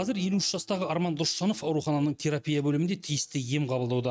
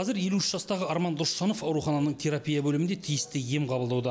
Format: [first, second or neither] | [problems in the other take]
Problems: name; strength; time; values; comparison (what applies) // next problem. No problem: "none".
second | noise reduction (neural mask model RNNoise)